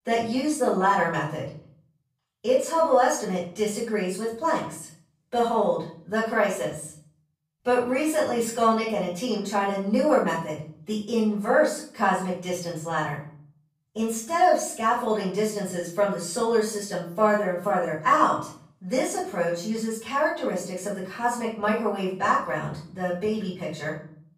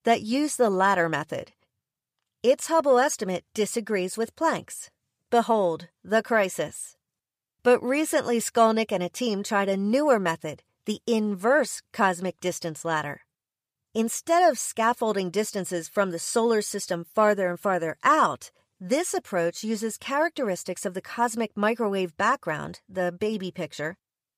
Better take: second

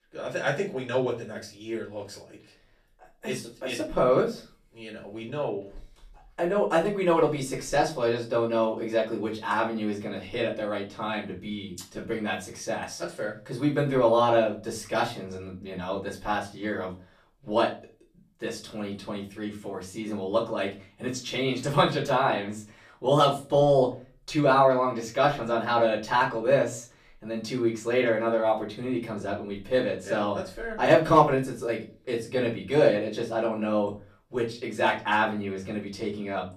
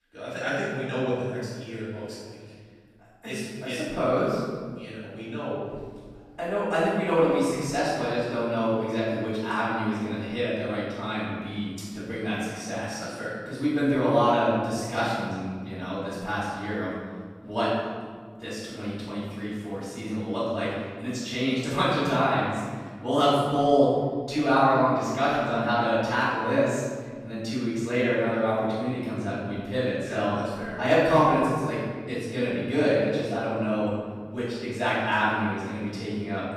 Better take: first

